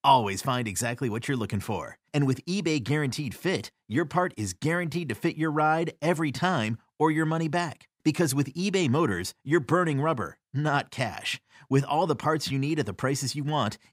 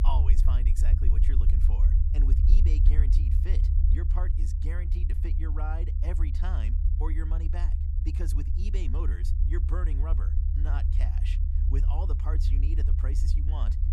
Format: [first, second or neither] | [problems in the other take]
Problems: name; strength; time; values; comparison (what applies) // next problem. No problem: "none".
first | low rumble; loud; throughout; 2 dB below the speech